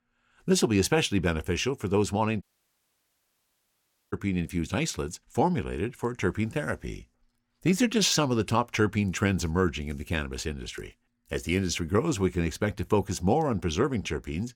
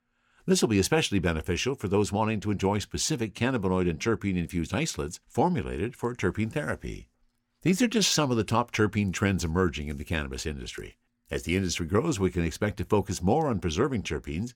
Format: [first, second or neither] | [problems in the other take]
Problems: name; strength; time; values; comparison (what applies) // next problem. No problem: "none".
second | audio cutting out; at 2.5 s for 1.5 s